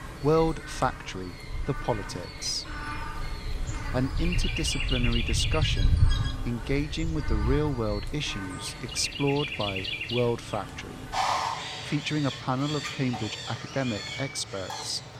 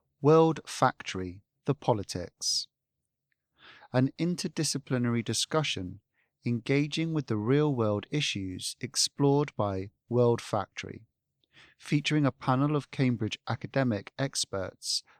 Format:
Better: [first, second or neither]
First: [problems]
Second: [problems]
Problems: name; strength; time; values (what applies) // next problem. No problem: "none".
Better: second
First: animal sounds; loud; throughout; 2 dB below the speech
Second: none